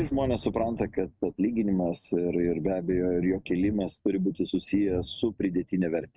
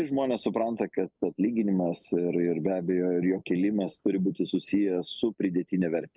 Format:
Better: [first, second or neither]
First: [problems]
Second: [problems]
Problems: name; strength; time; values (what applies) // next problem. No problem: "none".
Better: second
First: noise reduction (neural mask model RNNoise)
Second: none